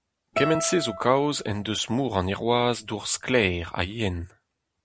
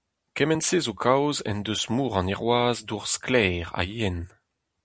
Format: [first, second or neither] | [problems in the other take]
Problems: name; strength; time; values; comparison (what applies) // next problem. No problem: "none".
second | background sound (Guitar); 10 dB below the speech